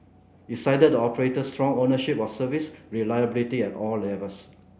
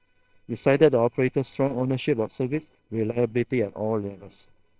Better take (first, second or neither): first